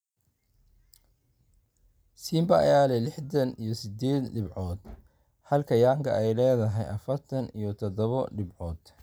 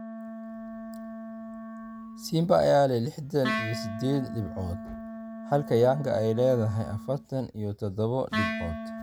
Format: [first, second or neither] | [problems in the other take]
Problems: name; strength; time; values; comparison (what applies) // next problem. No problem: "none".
first | background sound (Wind instrument, woodwind instrument); 9 dB below the speech